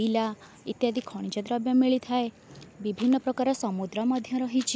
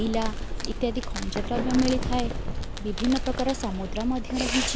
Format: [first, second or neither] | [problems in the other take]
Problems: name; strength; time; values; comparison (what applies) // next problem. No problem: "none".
first | background sound (Fireworks + Tick); 1 dB below the speech